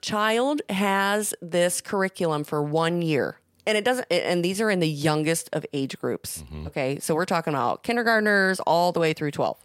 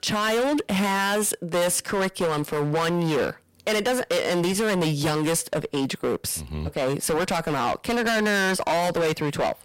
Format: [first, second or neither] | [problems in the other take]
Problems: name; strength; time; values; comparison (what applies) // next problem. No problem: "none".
first | distortion; heavy; 24% of the sound clipped